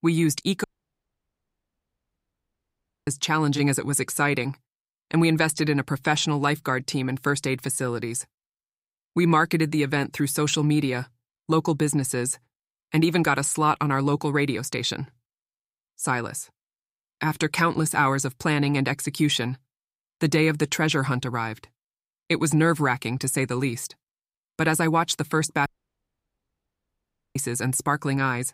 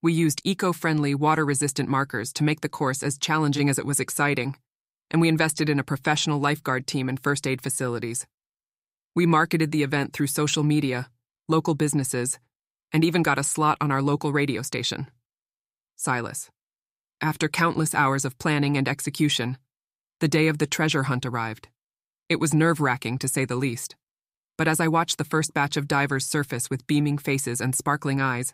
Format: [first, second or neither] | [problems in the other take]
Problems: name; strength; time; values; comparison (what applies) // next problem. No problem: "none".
second | audio cutting out; at 0.5 s for 2.5 s and at 26 s for 1.5 s